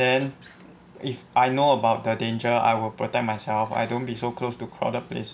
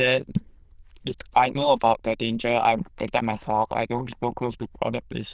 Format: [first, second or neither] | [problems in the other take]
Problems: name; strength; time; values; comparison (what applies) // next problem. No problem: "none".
first | noise reduction (neural diffusion model UNIVERSE++)